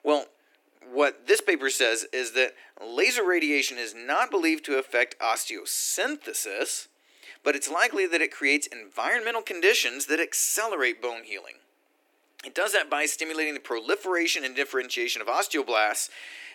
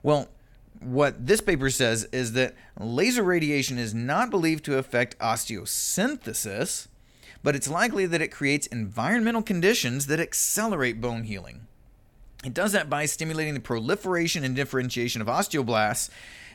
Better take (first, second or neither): second